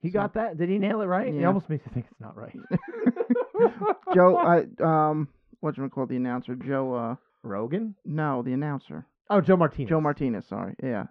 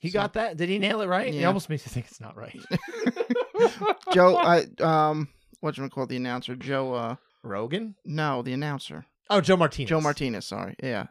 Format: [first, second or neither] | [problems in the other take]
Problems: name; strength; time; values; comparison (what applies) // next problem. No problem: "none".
second | muffled; very; fading above 1.5 kHz